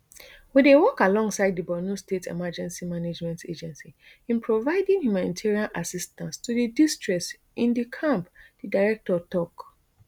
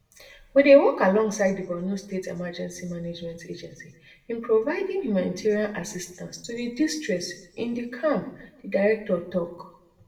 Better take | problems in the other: first | room echo; dies away in 0.6 s

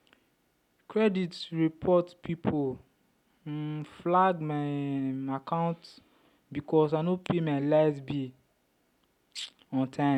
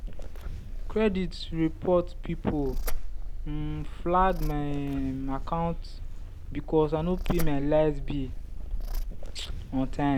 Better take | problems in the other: first | background sound (Purr); 1 dB below the speech

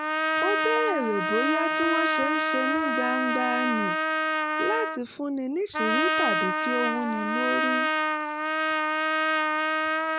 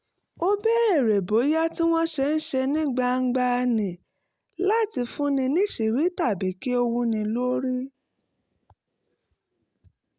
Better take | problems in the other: second | background sound (Trumpet); 5 dB above the speech

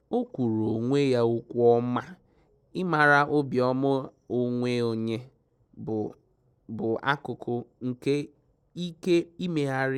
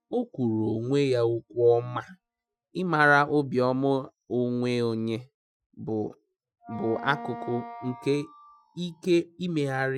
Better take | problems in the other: first | noise reduction (classical method Wiener filter)

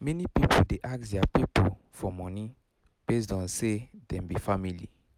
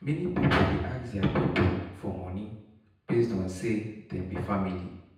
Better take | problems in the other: first | room echo; dies away in 0.9 s

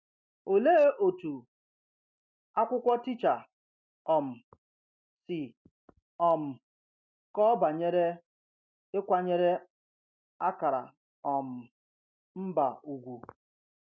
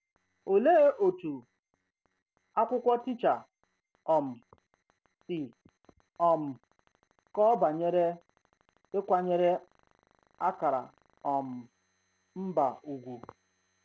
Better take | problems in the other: first | noise reduction (neural separator model SepFormer DNS4)

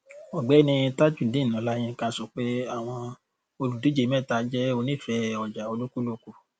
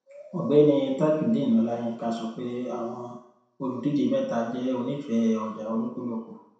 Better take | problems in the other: first | room echo; dies away in 0.7 s

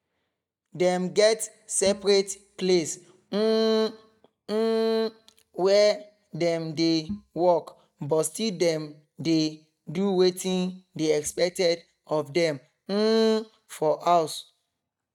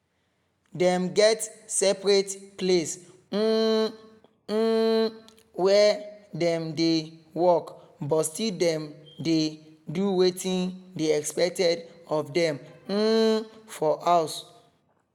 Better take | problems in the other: second | noise reduction (neural mask model DeepFilterNet 3)

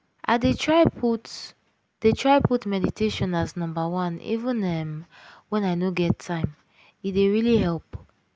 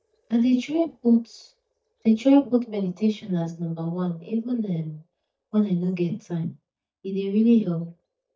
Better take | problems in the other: first | noise reduction (neural mask model DeepFilterNet 3)

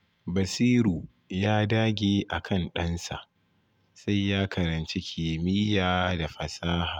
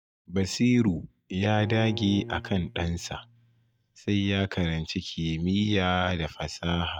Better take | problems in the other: first | noise reduction (neural mask model DeepFilterNet 3)

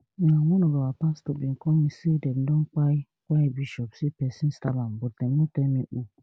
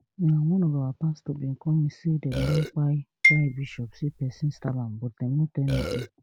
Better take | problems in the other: first | background sound (Marimba, xylophone + Burping, eructation); 2 dB below the speech

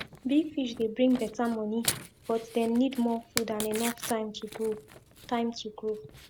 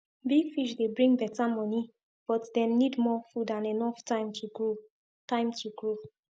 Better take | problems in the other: second | background sound (Tearing); 10 dB below the speech

